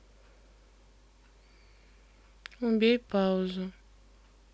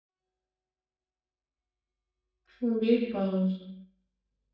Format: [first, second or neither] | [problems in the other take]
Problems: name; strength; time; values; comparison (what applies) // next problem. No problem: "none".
first | noise reduction (neural mask model DeepFilterNet 3)